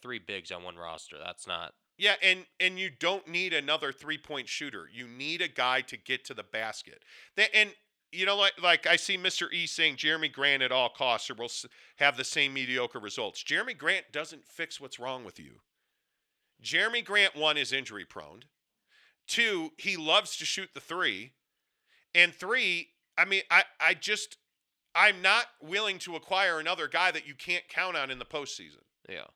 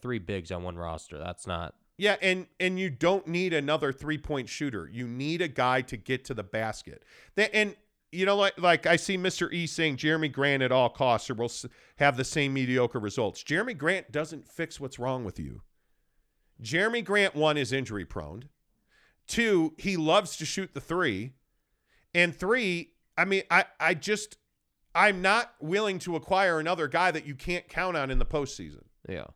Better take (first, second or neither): second